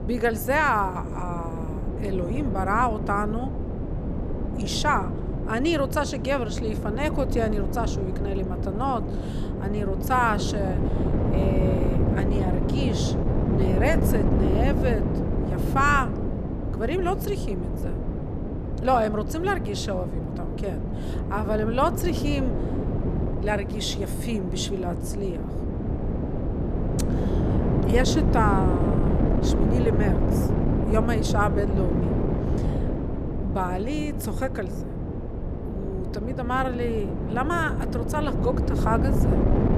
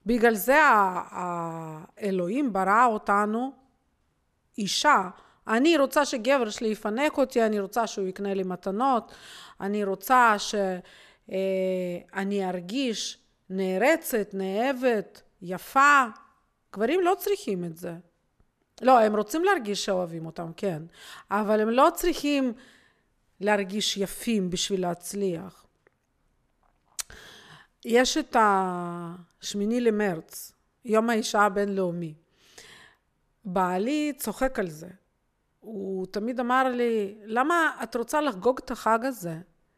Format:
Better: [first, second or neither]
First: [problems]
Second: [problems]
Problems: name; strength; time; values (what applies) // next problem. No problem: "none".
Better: second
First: wind noise on the microphone; heavy; 6 dB below the speech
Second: none